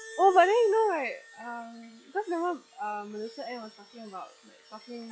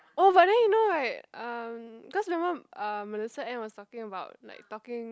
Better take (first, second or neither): second